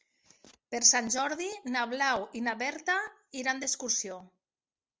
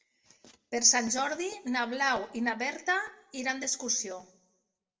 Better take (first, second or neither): first